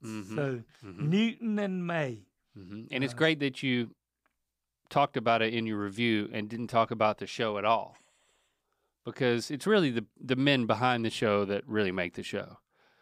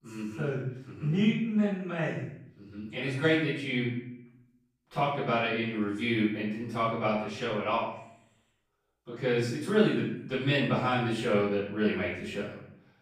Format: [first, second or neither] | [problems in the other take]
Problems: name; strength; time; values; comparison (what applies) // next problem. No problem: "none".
first | room echo; noticeable; dies away in 0.7 s // off-mic speech; far